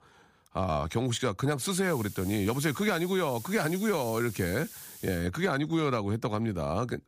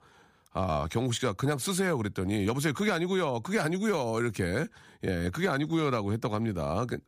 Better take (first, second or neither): second